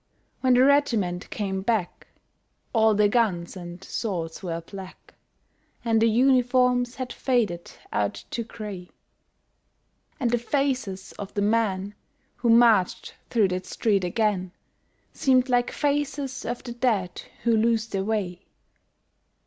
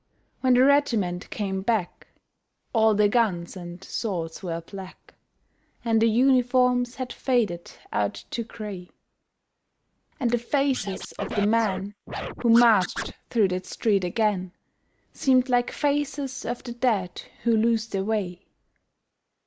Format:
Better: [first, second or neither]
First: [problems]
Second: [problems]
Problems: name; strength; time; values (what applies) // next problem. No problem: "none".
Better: first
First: none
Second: noise reduction (neural mask model Resemble Enhance denoiser)